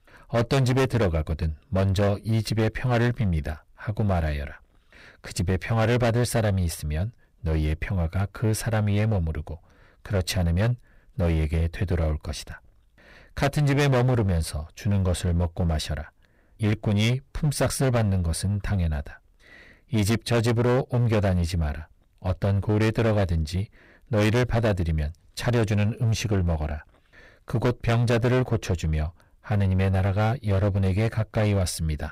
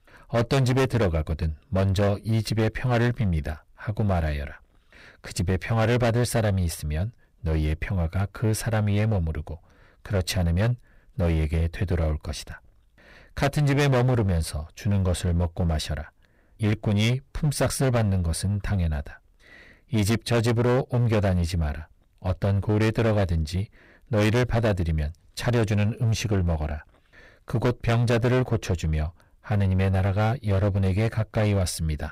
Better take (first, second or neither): neither